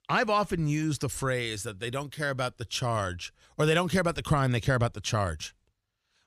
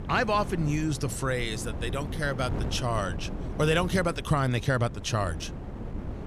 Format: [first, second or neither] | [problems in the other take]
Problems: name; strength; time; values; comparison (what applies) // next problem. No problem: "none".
first | wind noise on the microphone; occasional gusts; 15 dB below the speech